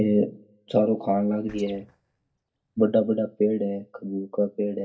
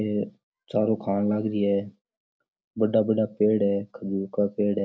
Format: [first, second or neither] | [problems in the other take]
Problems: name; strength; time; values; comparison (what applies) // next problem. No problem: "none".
second | noise reduction (neural mask model DeepFilterNet 3)